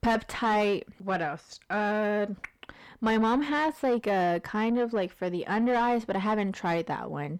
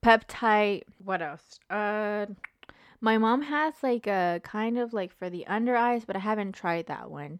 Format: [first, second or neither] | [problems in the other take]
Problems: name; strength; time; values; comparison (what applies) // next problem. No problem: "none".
second | distortion; heavy; 7 dB below the speech